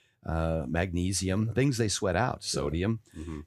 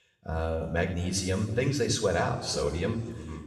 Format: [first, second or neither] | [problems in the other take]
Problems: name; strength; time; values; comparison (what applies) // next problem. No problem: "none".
first | room echo; noticeable; dies away in 1.4 s // off-mic speech; somewhat distant